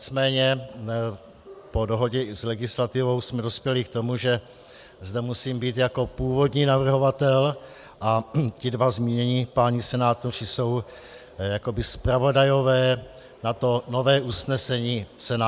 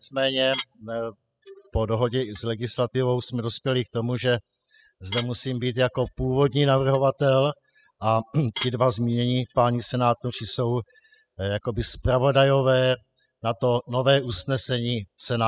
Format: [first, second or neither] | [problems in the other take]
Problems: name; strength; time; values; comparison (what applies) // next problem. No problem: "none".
first | noise reduction (classical method spectral subtraction)